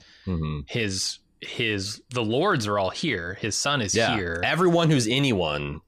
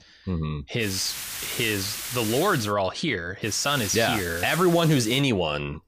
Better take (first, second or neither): first